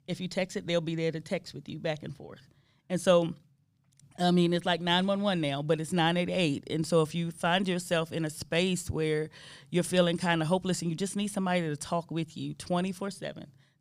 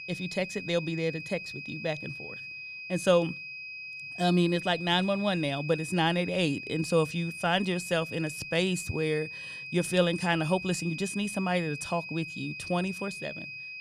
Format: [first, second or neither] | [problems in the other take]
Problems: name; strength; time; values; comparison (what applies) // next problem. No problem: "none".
first | high-pitched whine; loud; throughout; 2.5 kHz, 9 dB below the speech